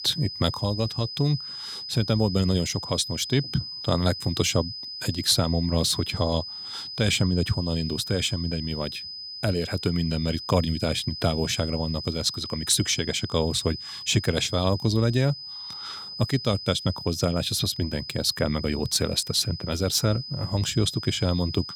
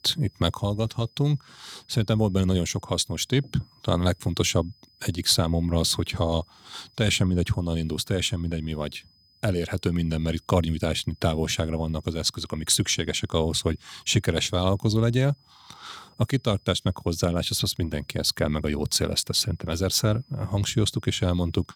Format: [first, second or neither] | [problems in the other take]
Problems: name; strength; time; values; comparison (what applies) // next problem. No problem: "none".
second | high-pitched whine; loud; throughout; 5 kHz, 9 dB below the speech; faint in the second